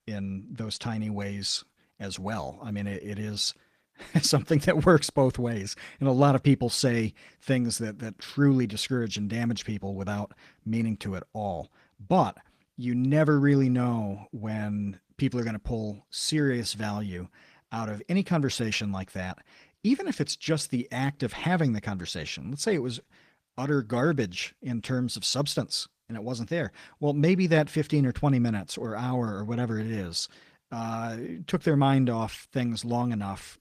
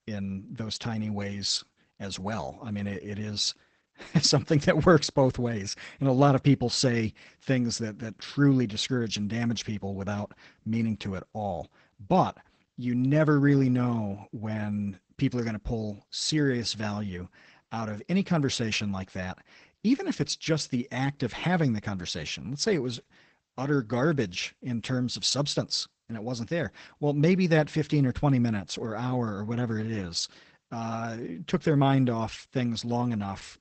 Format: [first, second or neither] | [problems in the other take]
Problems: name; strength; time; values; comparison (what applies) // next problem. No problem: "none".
first | garbled, watery; badly; nothing above 8 kHz; slightly in the first